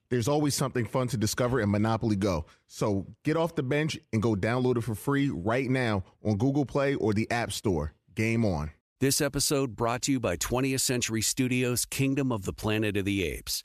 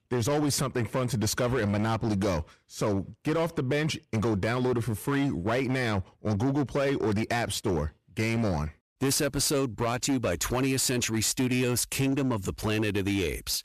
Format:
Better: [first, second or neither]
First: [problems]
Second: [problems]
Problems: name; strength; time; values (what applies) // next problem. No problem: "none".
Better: first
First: none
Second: distortion; slight; 15% of the sound clipped